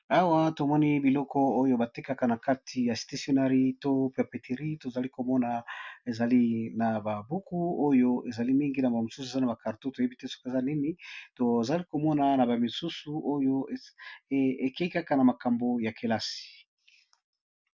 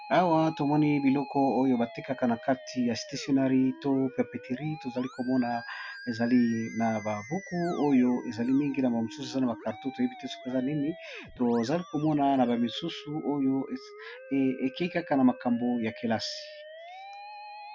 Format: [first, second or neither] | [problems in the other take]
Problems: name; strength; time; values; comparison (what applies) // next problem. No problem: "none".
first | background sound (Musical instrument); 17 dB below the speech